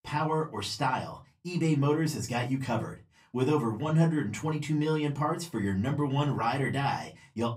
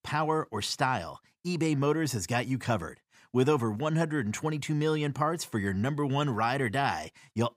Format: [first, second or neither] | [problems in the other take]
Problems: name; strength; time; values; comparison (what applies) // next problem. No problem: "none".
second | off-mic speech; far // room echo; very slight; dies away in 0.2 s